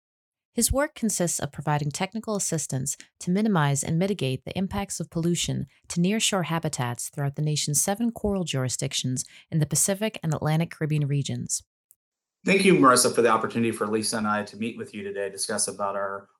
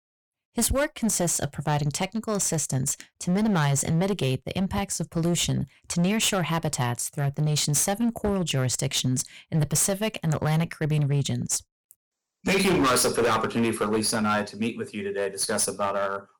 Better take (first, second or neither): first